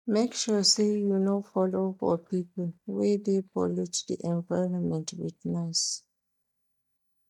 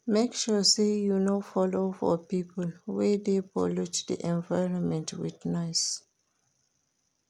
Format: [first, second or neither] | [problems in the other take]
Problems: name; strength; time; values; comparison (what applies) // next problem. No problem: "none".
second | noise reduction (neural mask model DeepFilterNet 3)